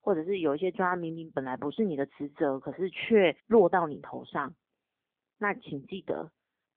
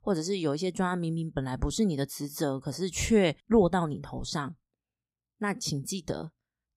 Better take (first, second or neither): second